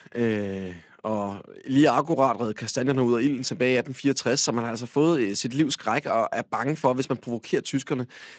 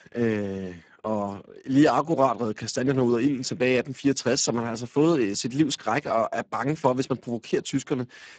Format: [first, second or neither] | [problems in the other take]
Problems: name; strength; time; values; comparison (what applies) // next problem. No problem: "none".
first | garbled, watery; badly; nothing above 7.5 kHz; slightly in the first